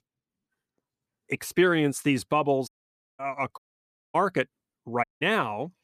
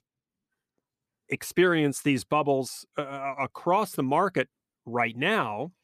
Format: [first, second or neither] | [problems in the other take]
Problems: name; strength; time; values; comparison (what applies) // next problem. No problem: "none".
second | audio cutting out; at 2.5 s for 0.5 s, at 3.5 s for 0.5 s and at 5 s